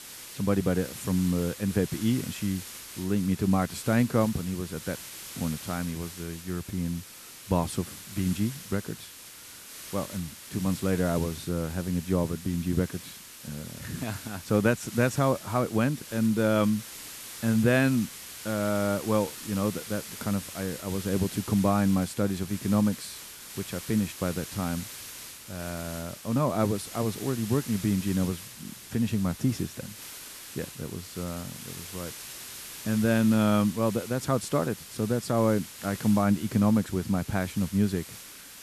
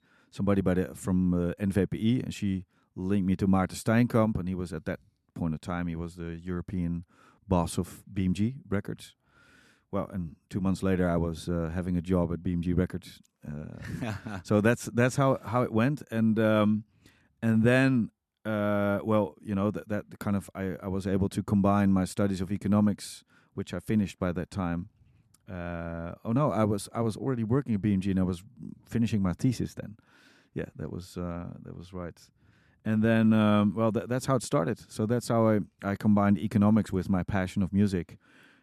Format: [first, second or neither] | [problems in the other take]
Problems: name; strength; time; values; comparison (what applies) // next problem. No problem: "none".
second | hiss; noticeable; throughout; 10 dB below the speech